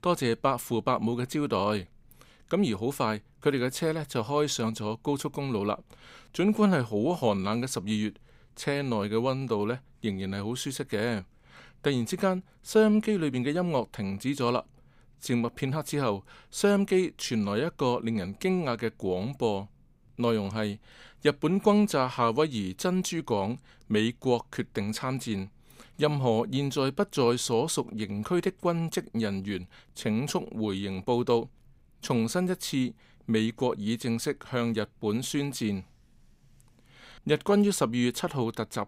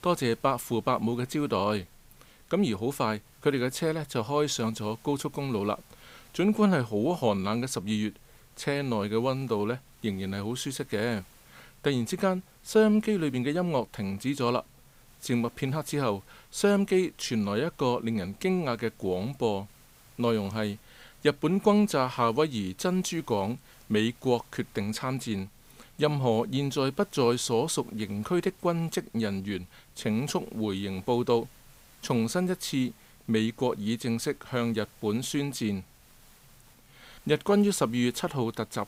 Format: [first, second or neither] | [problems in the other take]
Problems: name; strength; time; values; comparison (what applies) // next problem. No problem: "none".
first | hiss; faint; throughout; 30 dB below the speech